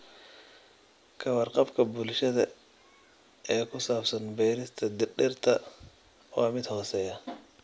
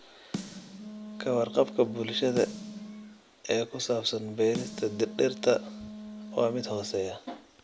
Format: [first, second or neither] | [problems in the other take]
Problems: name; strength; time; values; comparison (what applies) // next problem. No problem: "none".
first | background sound (Wind instrument, woodwind instrument + Snare drum); 11 dB below the speech